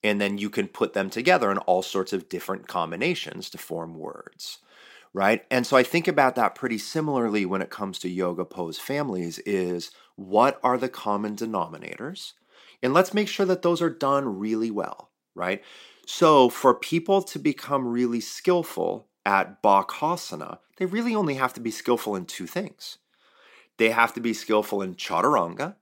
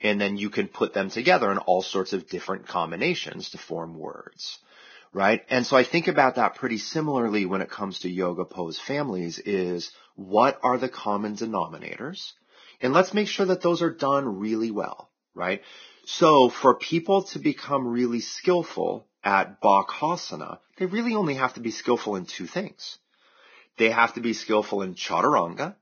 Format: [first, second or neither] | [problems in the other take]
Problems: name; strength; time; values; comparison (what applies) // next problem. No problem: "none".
first | garbled, watery; badly; nothing above 6.5 kHz